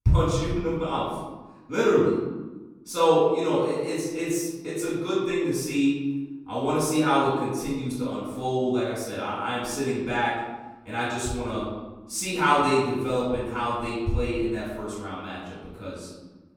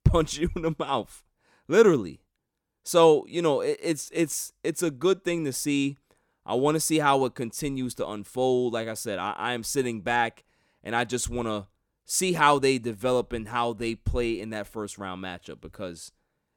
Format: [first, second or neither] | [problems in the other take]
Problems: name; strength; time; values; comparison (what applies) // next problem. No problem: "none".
second | off-mic speech; far // room echo; noticeable; dies away in 1.1 s